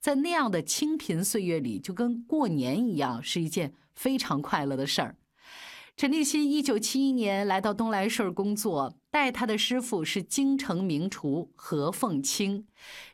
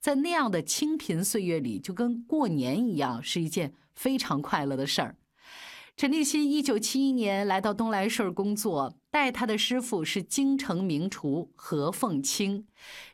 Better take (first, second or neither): neither